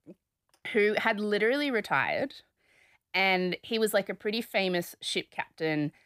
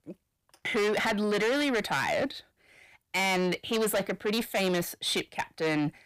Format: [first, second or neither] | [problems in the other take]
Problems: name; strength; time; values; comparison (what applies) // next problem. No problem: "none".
first | distortion; heavy; 7 dB below the speech